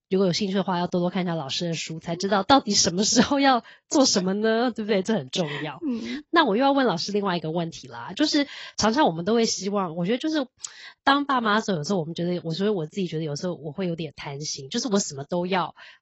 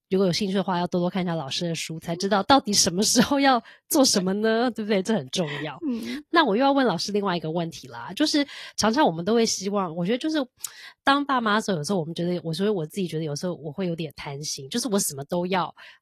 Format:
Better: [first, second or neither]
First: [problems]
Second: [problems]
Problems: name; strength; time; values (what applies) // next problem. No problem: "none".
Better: second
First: garbled, watery; badly; nothing above 7 kHz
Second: garbled, watery; slightly; nothing above 12.5 kHz